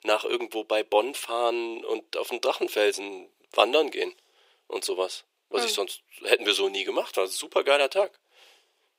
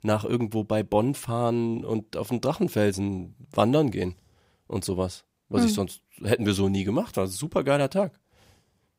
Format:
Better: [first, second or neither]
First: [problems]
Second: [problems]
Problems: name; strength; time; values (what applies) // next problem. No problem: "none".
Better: second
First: thin; very; fading below 400 Hz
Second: none